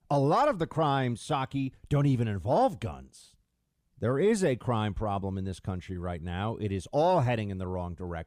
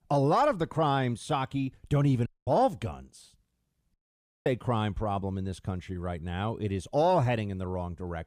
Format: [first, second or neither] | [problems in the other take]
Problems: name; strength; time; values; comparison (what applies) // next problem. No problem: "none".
first | audio cutting out; at 2.5 s and at 4 s for 0.5 s